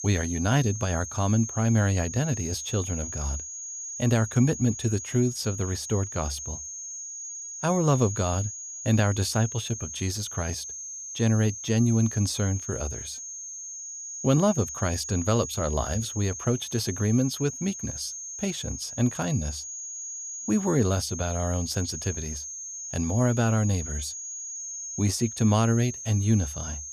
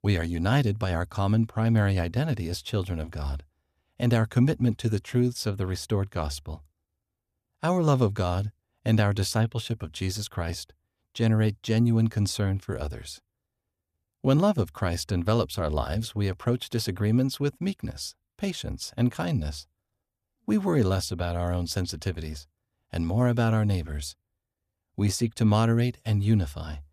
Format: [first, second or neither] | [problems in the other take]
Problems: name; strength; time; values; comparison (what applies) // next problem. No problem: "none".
second | high-pitched whine; loud; throughout; 6.5 kHz, 8 dB below the speech